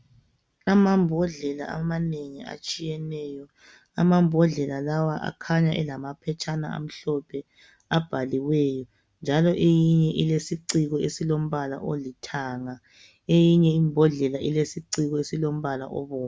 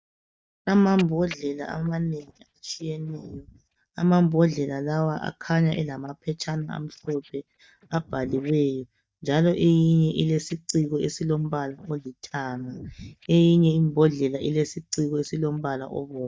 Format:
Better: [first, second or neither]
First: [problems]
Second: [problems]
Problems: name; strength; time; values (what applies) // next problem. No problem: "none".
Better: first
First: none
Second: noise reduction (neural mask model DeepFilterNet 3)